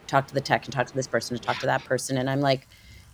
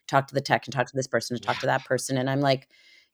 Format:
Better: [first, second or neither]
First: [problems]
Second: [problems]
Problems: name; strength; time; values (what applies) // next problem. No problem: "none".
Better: second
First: rain or running water; faint; throughout; 25 dB below the speech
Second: none